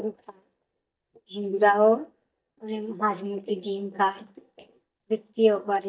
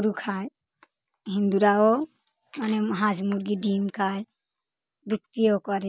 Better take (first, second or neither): second